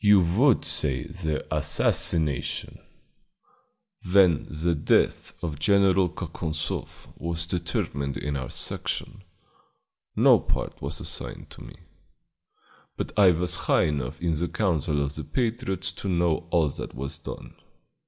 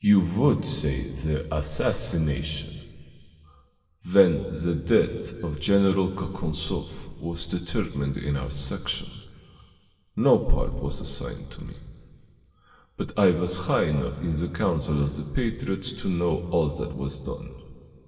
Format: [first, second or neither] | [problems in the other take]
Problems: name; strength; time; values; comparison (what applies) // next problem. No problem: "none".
first | room echo; dies away in 2.6 s